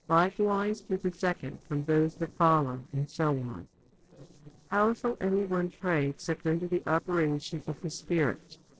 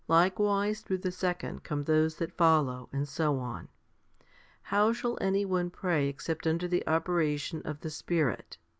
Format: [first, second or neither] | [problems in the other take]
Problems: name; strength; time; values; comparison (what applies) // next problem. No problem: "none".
second | noise reduction (neural separator model SepFormer DNS4)